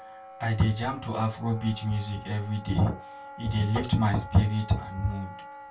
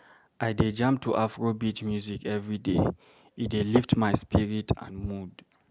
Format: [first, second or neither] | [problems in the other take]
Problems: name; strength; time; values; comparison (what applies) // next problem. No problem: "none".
second | background sound (Wind instrument, woodwind instrument); 16 dB below the speech // room echo; dies away in 0.2 s